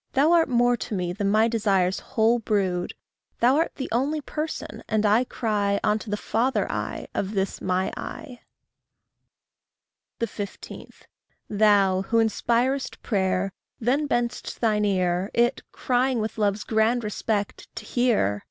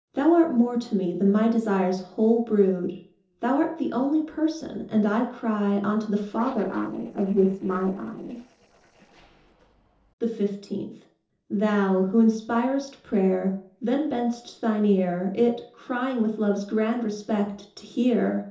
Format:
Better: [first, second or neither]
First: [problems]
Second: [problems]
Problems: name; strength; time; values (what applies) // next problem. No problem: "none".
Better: first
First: none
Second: noise reduction (neural separator model SepFormer DNS4)